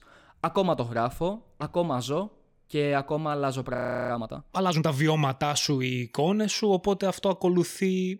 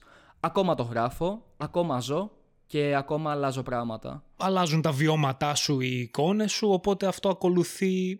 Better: second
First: audio freezing; at 4 s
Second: none

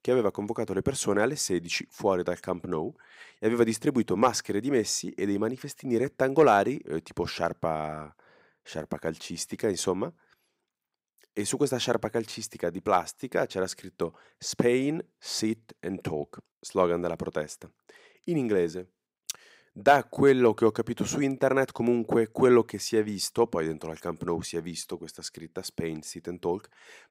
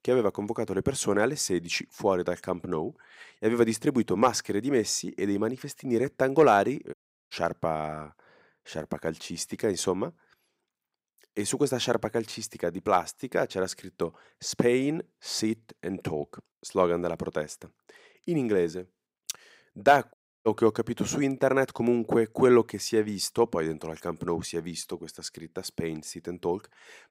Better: first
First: none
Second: audio cutting out; at 7 s and at 20 s

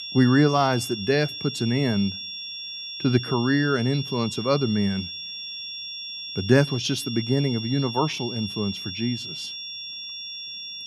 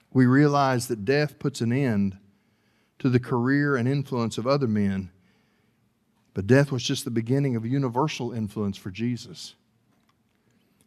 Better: second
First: high-pitched whine; loud; throughout; 3.5 kHz, 8 dB below the speech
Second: none

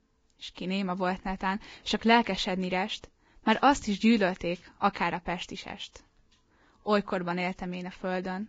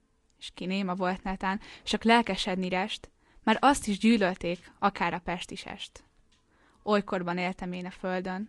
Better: second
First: garbled, watery; badly; nothing above 7.5 kHz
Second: garbled, watery; slightly; nothing above 10.5 kHz

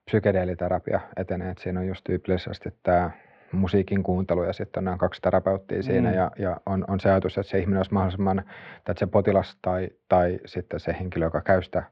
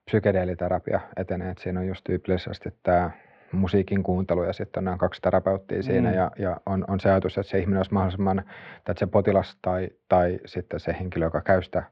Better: neither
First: muffled; very; fading above 3 kHz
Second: muffled; very; fading above 3 kHz

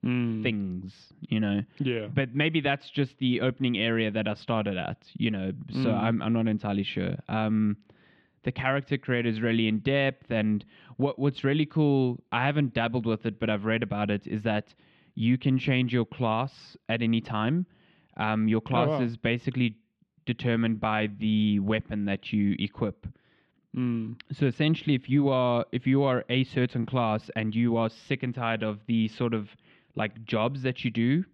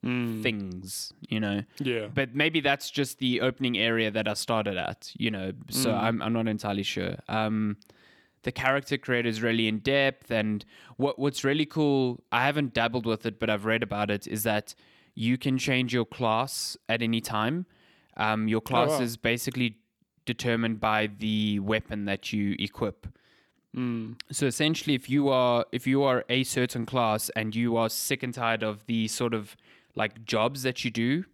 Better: second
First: muffled; slightly; fading above 3 kHz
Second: none

